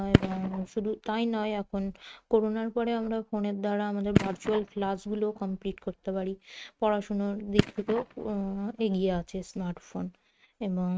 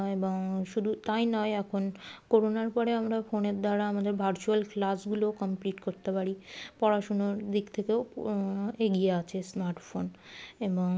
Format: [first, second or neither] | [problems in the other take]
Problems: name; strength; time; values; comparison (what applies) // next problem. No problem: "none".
second | noise reduction (neural mask model RNNoise)